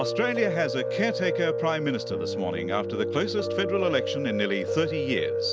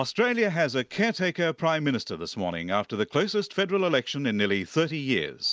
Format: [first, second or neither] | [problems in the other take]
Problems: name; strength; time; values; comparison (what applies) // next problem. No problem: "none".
second | background sound (Piano); 1 dB below the speech